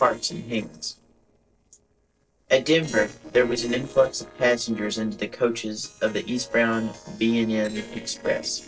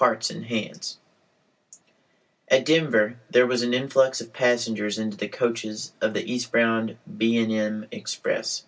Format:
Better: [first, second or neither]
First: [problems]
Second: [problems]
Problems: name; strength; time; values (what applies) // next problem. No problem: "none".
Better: second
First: noise reduction (neural separator model SepFormer DNS4)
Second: none